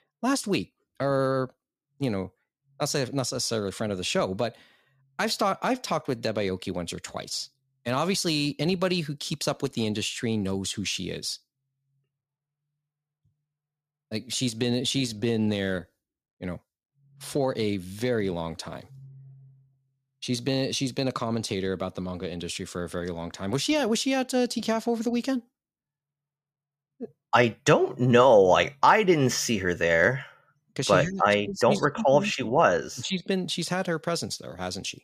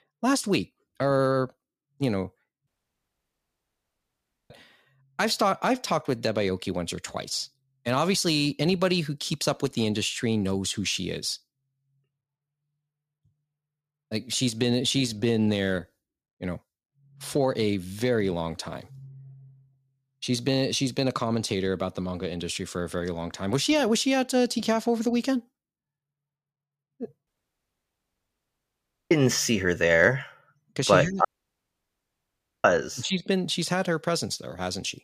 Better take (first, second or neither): first